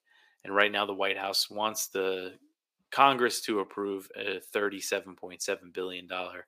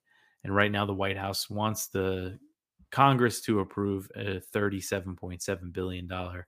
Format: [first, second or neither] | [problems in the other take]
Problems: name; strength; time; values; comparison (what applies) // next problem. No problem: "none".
second | thin; somewhat; fading below 400 Hz